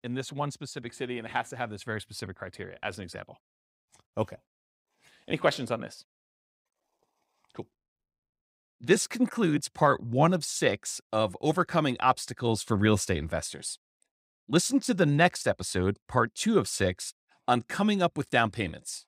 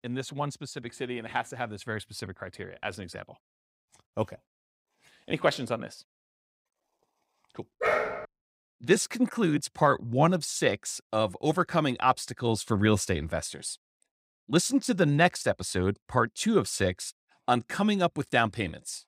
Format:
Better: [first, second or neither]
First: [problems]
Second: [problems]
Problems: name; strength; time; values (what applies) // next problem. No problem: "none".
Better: first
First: none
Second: dog barking; loud; at 8 s; peak 1 dB above the speech